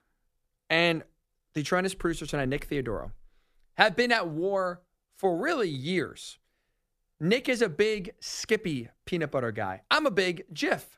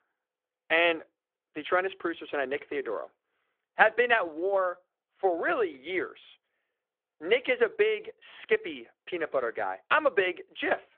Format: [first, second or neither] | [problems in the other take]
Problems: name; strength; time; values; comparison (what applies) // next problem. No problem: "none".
first | phone-call audio